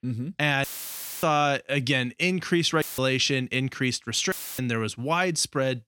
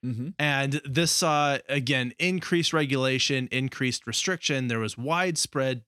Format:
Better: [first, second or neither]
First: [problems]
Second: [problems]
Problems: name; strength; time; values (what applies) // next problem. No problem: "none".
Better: second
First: audio cutting out; filled with static; at 0.5 s for 0.5 s, at 3 s and at 4.5 s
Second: none